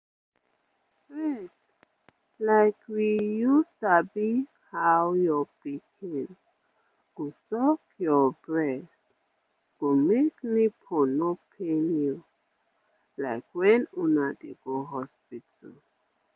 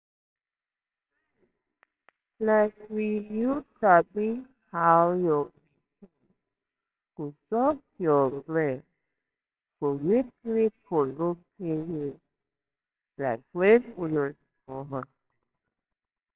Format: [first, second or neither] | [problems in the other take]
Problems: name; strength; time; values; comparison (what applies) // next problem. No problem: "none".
first | noise reduction (neural separator model SepFormer WHAMR!)